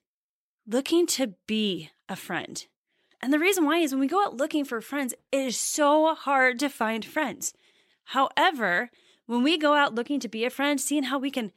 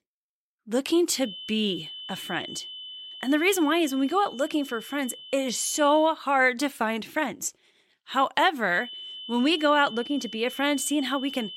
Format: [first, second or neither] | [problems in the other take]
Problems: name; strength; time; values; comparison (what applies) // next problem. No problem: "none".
first | high-pitched whine; noticeable; from 1 to 6 s and from 9 s on; 3 kHz, 15 dB below the speech